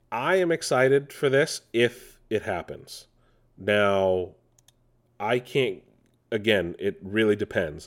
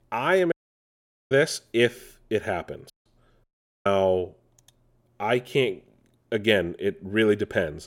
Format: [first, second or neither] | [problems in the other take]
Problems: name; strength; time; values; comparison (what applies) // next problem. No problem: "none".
first | audio cutting out; at 0.5 s for 1 s, at 3 s and at 3.5 s